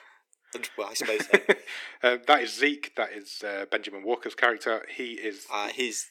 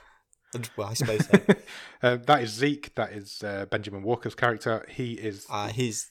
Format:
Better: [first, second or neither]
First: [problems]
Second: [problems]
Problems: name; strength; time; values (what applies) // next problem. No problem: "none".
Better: second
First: thin; somewhat; fading below 300 Hz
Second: none